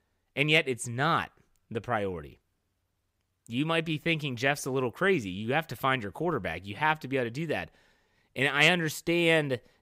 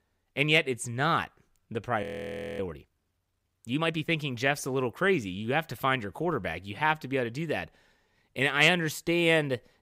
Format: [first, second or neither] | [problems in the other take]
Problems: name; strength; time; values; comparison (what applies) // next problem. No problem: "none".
first | audio freezing; at 2 s for 0.5 s